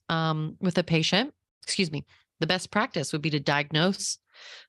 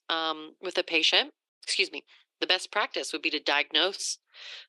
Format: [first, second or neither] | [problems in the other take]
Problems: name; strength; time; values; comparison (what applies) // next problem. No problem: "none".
first | thin; very; fading below 350 Hz